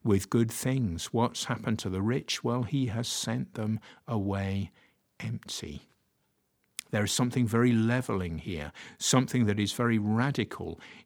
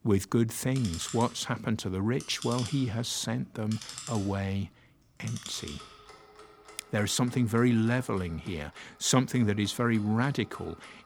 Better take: first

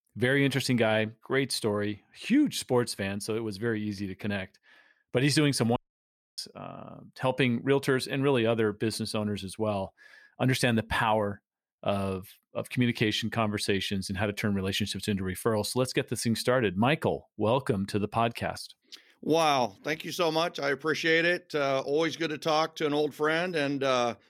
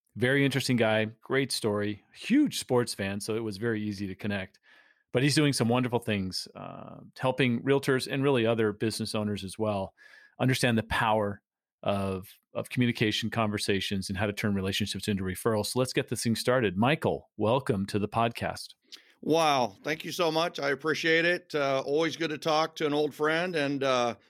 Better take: second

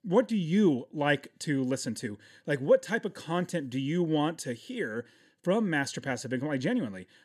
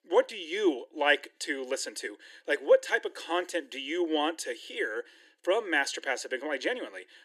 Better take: first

